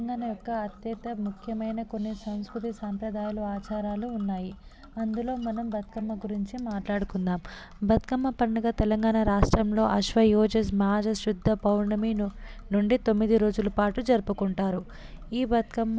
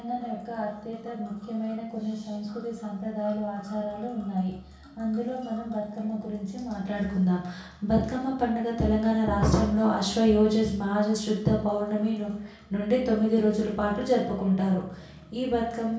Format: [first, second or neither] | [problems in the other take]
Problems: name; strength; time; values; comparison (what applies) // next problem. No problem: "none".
first | room echo; dies away in 0.6 s